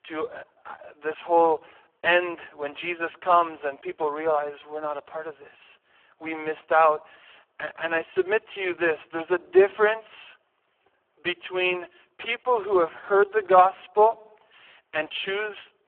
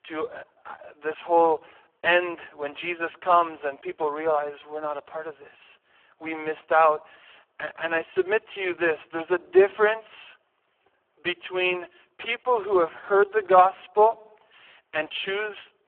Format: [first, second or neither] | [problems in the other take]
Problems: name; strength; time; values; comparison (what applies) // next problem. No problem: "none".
neither | phone-call audio; poor line; the same in both